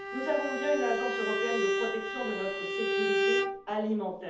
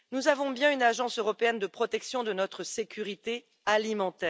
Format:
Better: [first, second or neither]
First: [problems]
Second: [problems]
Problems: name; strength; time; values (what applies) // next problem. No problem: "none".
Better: second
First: background sound (Bowed string instrument); 2 dB above the speech // room echo; dies away in 0.6 s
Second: none